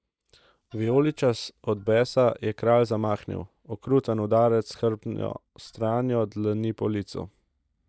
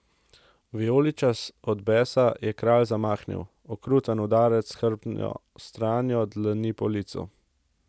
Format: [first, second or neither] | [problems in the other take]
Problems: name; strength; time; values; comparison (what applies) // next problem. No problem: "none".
second | noise reduction (neural mask model DeepFilterNet 3)